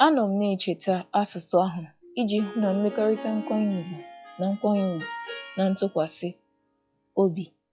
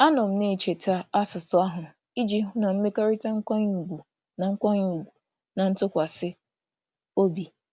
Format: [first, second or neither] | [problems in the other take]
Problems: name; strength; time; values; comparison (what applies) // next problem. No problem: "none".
second | noise reduction (classical method log-MMSE)